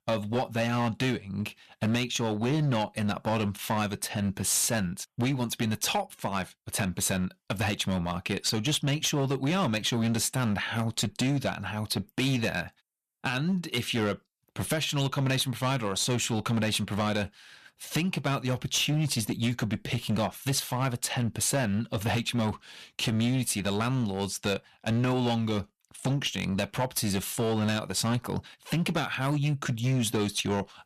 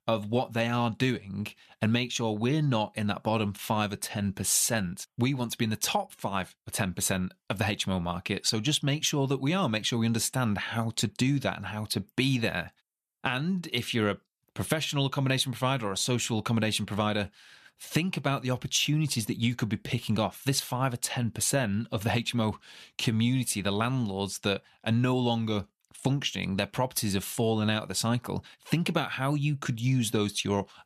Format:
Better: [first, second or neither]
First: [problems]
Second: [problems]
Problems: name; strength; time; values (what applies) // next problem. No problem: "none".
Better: second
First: distortion; slight; 10% of the sound clipped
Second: none